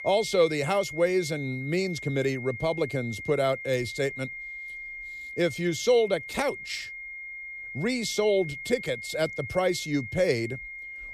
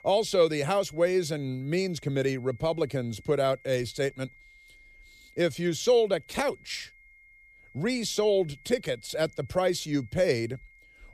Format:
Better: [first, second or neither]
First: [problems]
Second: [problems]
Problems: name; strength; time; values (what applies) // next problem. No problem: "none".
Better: second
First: high-pitched whine; loud; throughout; 2 kHz, 9 dB below the speech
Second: high-pitched whine; faint; throughout; 2 kHz, 25 dB below the speech